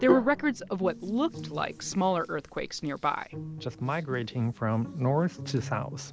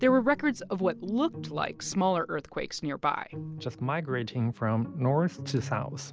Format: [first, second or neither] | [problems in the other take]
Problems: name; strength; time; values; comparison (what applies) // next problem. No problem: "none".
second | background sound (Hands); 10 dB below the speech